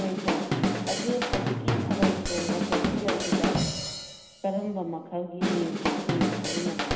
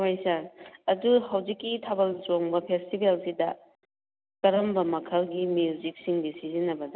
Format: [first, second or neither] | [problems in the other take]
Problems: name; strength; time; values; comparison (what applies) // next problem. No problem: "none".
second | background sound (Drum / Drum kit); 5 dB above the speech // room echo; dies away in 0.9 s